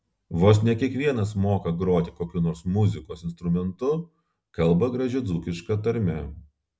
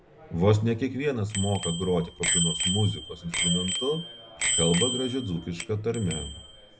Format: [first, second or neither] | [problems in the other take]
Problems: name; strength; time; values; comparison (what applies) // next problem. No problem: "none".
first | background sound (Bicycle bell); 3 dB below the speech